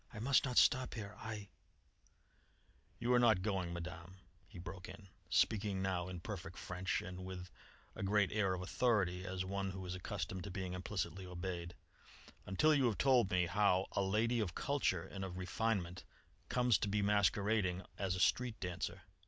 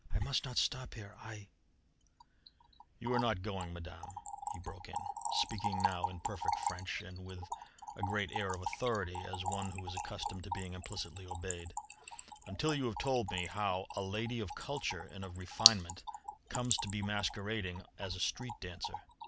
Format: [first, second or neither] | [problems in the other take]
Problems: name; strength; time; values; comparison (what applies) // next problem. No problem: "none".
first | background sound (Trickle, dribble / Splash, splatter); 1 dB below the speech